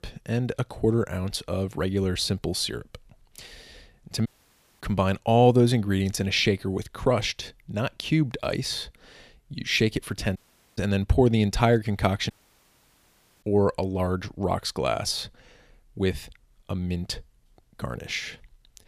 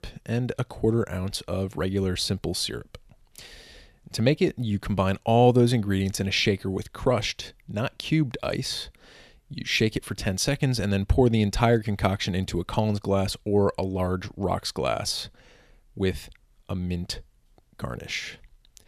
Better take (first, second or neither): second